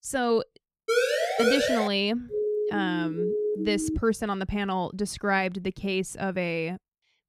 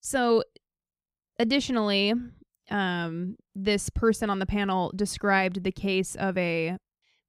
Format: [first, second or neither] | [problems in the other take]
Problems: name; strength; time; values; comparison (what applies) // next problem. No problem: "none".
second | siren; loud; at 1 s and from 2.5 to 4 s; peak 4 dB above the speech